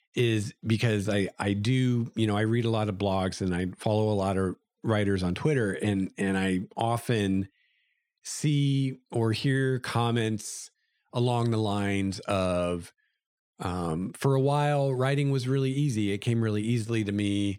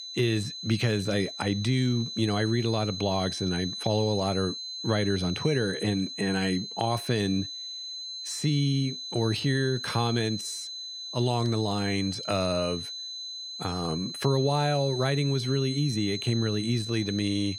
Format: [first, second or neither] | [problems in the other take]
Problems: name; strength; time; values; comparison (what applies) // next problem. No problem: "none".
first | high-pitched whine; loud; throughout; 4 kHz, 7 dB below the speech